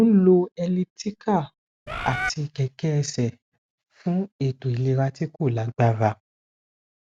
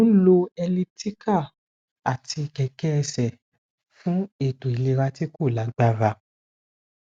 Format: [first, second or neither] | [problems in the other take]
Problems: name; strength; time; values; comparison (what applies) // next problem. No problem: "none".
second | background sound (Bird); 4 dB below the speech